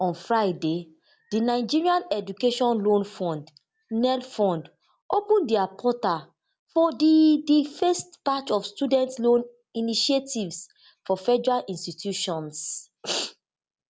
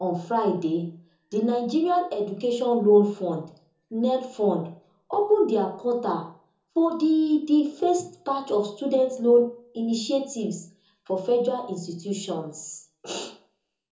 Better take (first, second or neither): first